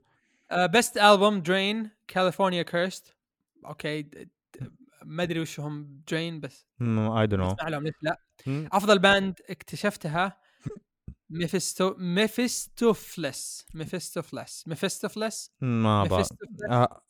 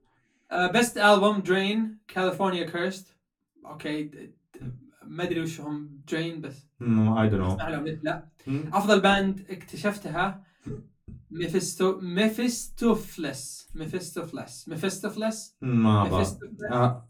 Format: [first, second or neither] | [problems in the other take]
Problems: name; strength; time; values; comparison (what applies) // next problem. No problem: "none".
first | off-mic speech; far // room echo; very slight; dies away in 0.2 s